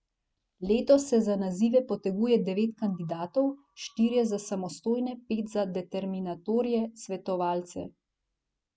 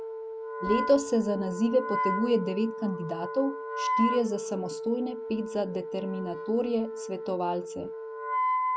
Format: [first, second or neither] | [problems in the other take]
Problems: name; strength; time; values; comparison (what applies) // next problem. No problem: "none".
first | background sound (Wind instrument, woodwind instrument); 3 dB below the speech